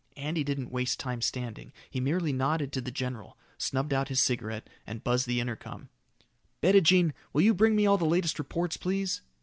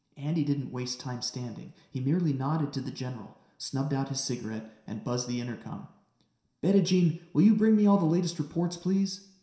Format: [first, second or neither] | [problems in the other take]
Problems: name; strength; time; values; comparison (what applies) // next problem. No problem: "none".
first | room echo; dies away in 0.7 s